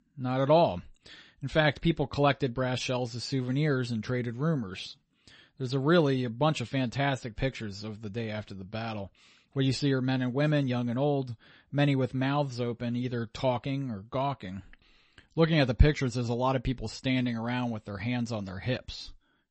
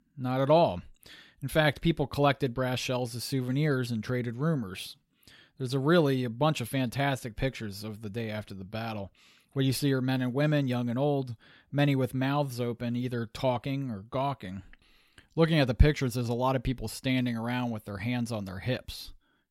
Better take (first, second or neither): second